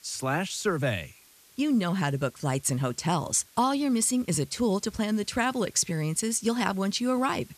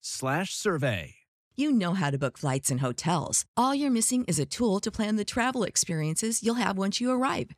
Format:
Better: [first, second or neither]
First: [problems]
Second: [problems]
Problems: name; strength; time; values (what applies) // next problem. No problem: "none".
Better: second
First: hiss; faint; throughout; 25 dB below the speech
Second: none